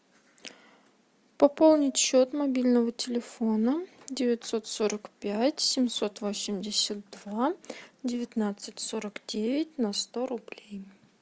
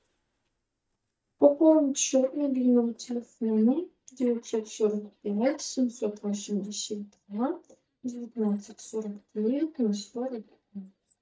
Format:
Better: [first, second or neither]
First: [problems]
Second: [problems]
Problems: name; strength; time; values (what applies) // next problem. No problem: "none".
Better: first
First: none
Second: noise reduction (neural mask model DeepFilterNet 3)